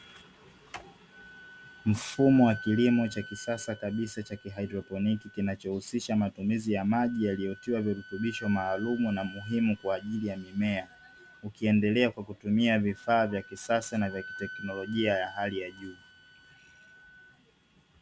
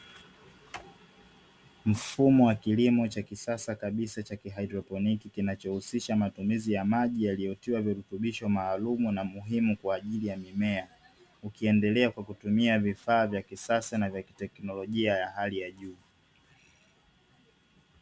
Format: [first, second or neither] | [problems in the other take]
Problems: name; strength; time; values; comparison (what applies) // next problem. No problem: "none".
second | background sound (Wind instrument, woodwind instrument); 18 dB below the speech